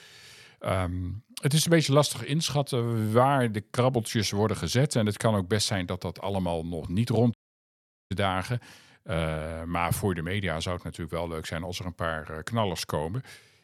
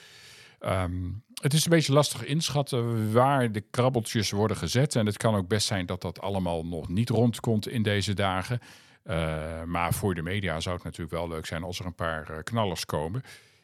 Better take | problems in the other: second | audio cutting out; at 7.5 s for 1 s

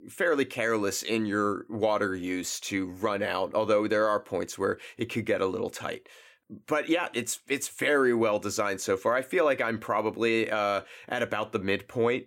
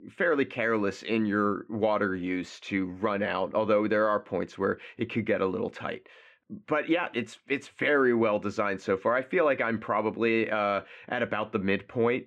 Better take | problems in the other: first | muffled; slightly; fading above 2.5 kHz

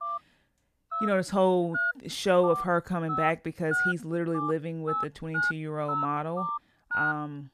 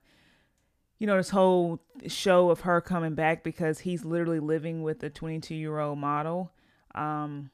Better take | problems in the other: second | phone ringing; loud; peak 2 dB above the speech

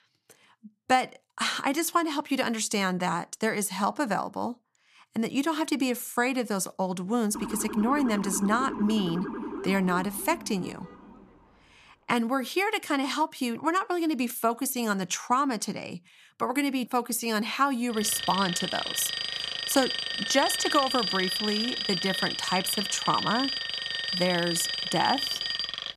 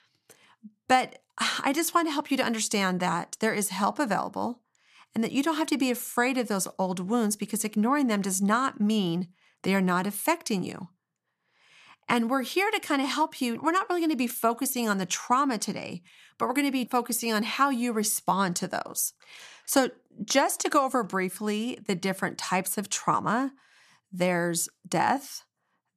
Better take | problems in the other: second | siren; noticeable; from 7.5 to 11 s; peak 7 dB below the speech // alarm; loud; from 18 s on; peak 1 dB above the speech

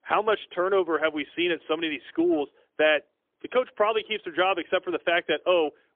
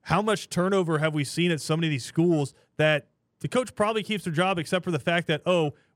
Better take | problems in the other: second | phone-call audio; poor line; nothing above 3.5 kHz

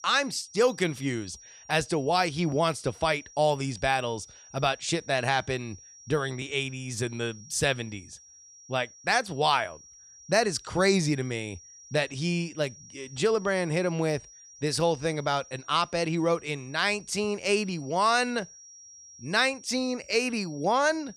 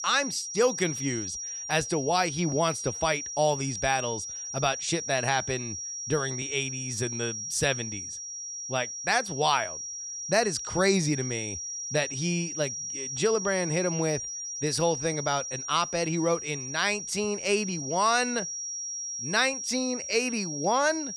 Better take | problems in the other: first | high-pitched whine; loud; throughout; 5.5 kHz, 5 dB below the speech; faint in the first

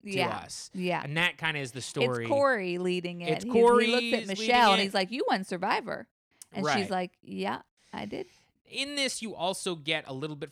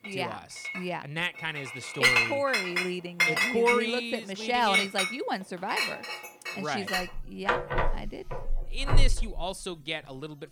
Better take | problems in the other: first | household noises; very loud; throughout; 3 dB above the speech

